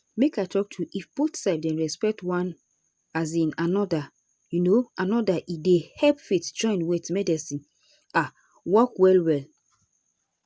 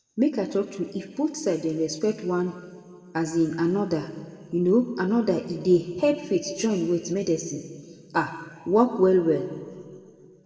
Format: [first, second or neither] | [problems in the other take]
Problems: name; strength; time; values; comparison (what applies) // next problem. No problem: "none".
first | room echo; dies away in 1.8 s